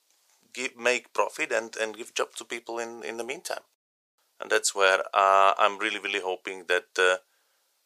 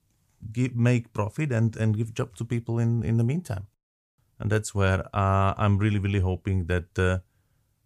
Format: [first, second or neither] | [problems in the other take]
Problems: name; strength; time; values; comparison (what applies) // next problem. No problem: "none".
second | thin; very; fading below 450 Hz